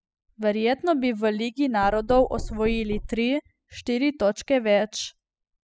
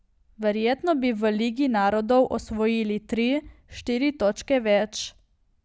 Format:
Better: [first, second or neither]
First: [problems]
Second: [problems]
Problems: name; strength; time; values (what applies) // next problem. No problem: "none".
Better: second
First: noise reduction (classical method spectral subtraction)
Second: none